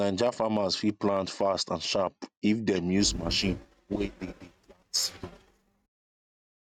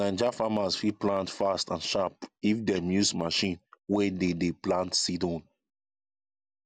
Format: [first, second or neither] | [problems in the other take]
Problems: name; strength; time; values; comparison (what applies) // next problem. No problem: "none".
second | noise reduction (neural mask model RNNoise)